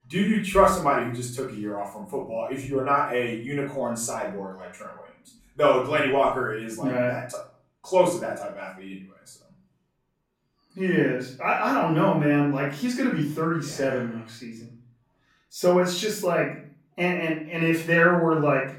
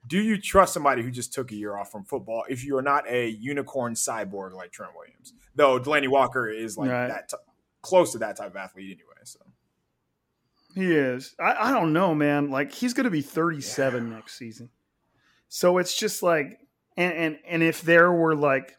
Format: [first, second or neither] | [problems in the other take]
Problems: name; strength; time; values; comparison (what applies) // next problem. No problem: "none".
second | off-mic speech; far // room echo; noticeable; dies away in 0.4 s